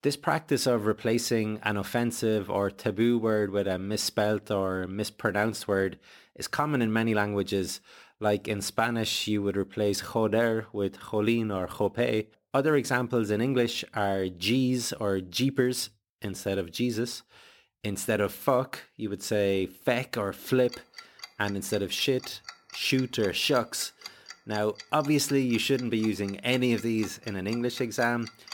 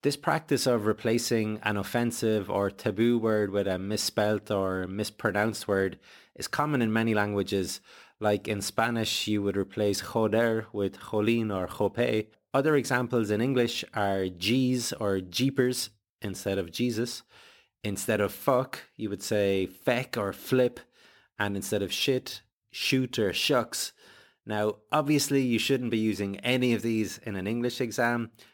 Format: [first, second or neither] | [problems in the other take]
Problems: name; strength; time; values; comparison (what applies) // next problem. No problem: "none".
second | household noises; noticeable; from 20 s on; 15 dB below the speech